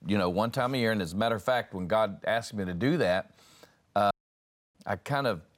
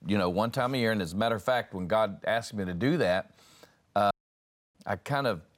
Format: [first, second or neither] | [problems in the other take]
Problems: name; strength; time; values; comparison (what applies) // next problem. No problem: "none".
neither | audio cutting out; at 4 s for 0.5 s; the same in both